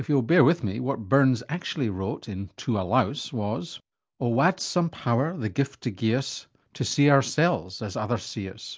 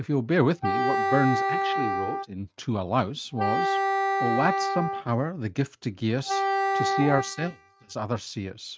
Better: first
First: none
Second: noise reduction (neural mask model RNNoise)

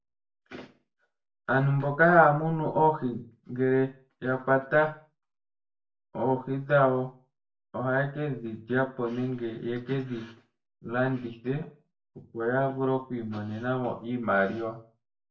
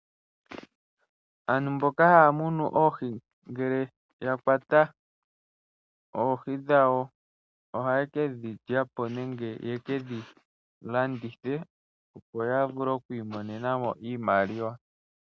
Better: second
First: room echo; dies away in 0.3 s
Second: none

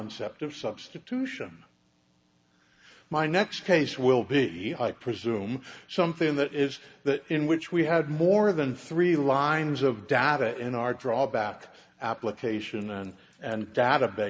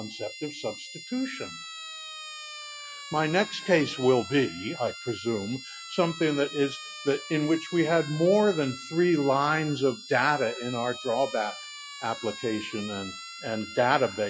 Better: first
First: none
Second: noise reduction (classical method Wiener filter)

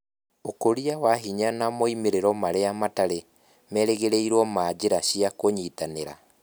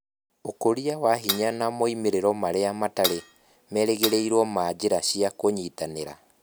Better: first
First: none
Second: background sound (Cutlery, silverware / Dishes, pots, and pans); 6 dB below the speech

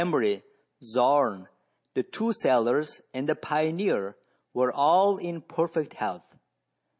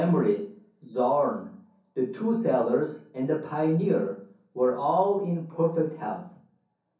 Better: first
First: none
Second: room echo; dies away in 0.6 s

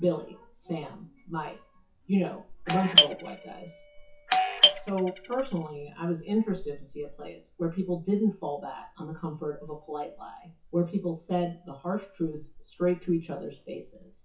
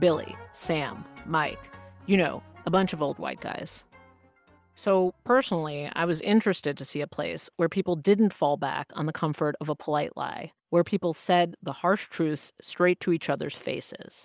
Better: second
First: noise reduction (classical method WPE with log-MMSE)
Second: none

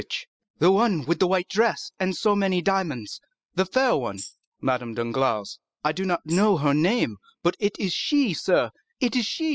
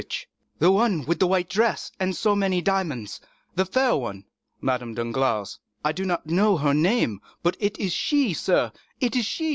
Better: second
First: noise reduction (classical method spectral subtraction)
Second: none

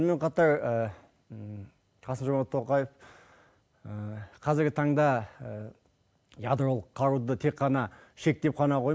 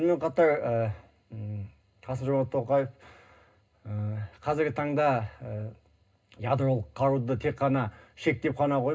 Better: first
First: none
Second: room echo; dies away in 0.2 s

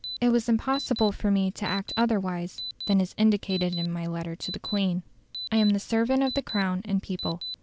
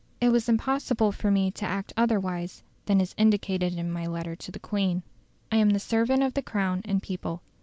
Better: second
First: background sound (Alarm); 13 dB below the speech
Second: none

